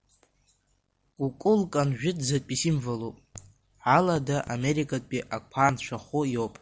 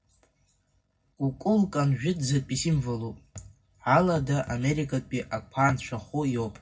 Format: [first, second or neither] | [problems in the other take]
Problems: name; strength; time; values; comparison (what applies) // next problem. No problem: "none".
first | room echo; dies away in 0.4 s